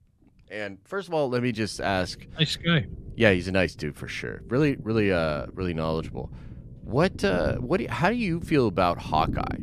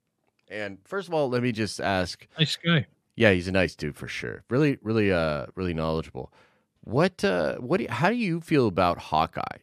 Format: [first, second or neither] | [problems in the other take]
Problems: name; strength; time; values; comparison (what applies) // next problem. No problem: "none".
second | low rumble; faint; throughout; 20 dB below the speech